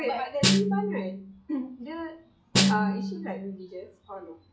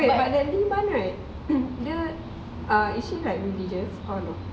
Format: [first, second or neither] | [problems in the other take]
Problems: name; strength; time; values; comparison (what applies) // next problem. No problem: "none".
second | noise reduction (classical method log-MMSE)